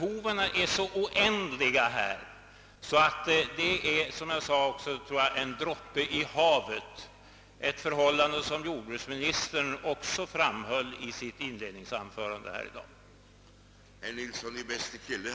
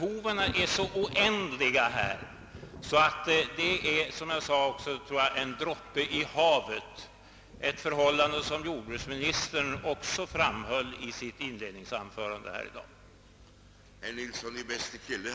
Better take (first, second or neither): first